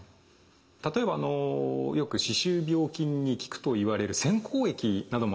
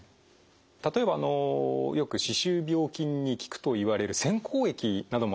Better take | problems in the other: second | room echo; dies away in 2.1 s

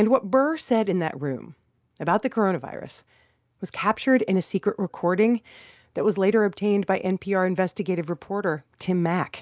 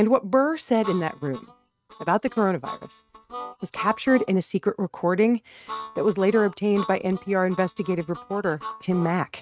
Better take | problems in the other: first | noise reduction (neural mask model RNNoise)

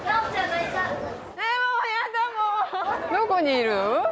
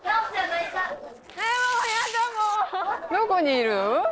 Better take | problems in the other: first | noise reduction (neural separator model SepFormer DNS4)

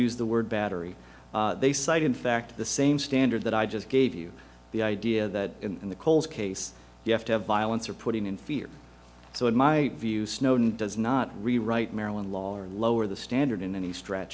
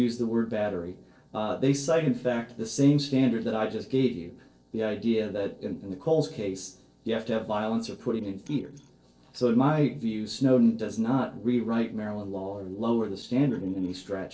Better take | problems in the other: first | noise reduction (neural separator model SepFormer DNS4)

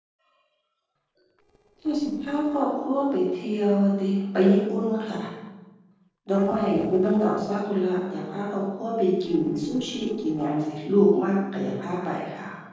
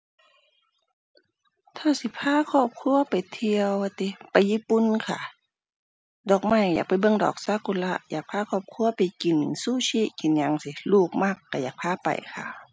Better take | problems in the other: second | noise reduction (neural separator model SepFormer DNS4)

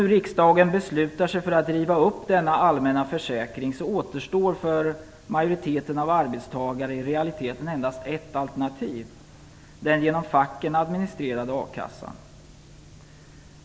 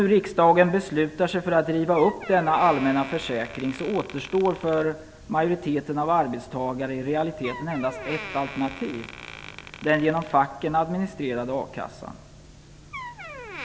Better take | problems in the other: first | background sound (Door); 17 dB below the speech

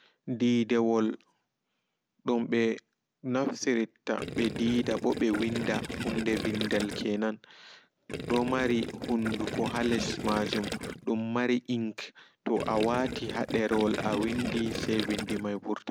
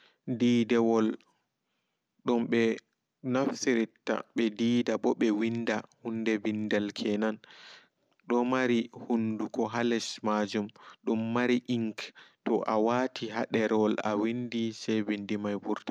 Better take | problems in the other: second | background sound (Gurgling); 6 dB below the speech

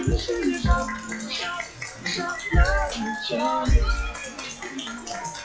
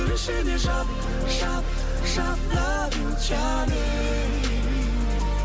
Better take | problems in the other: second | noise reduction (classical method WPE with log-MMSE)

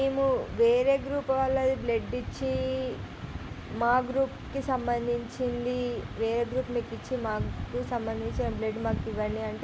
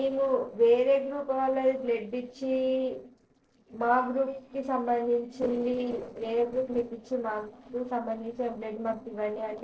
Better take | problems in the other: first | noise reduction (neural separator model SepFormer DNS4)

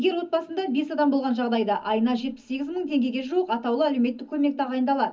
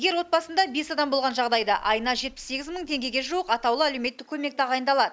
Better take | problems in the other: second | room echo; dies away in 0.4 s

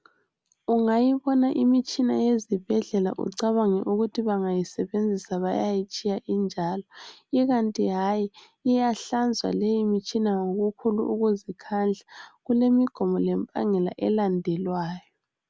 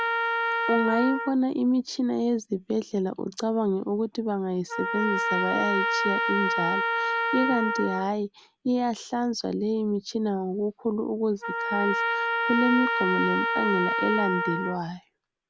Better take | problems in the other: first | background sound (Trumpet); 2 dB below the speech

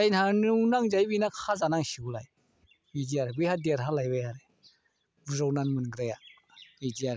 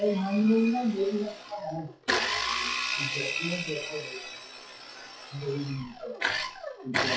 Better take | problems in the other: first | noise reduction (classical method WPE with log-MMSE)

